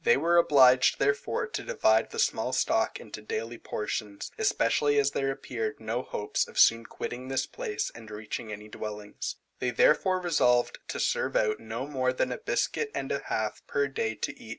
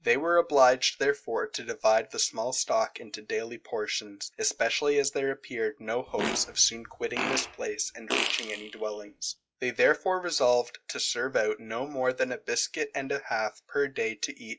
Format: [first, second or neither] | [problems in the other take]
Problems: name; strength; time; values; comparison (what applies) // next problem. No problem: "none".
first | noise reduction (classical method log-MMSE)